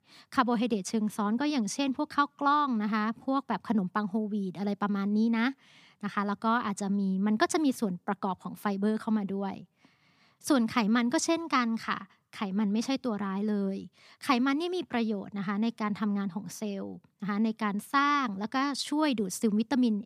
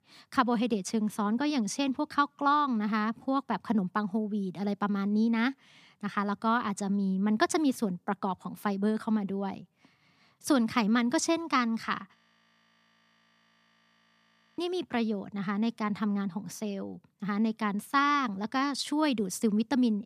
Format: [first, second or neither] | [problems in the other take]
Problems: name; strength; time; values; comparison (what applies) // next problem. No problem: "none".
first | audio freezing; at 12 s for 2.5 s